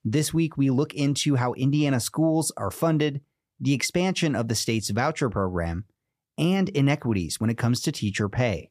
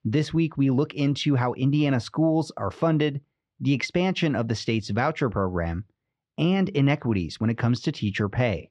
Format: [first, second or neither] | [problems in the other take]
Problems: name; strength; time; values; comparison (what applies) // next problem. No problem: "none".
first | muffled; slightly; fading above 4 kHz